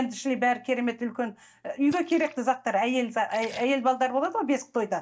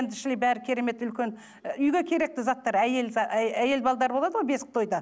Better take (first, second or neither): second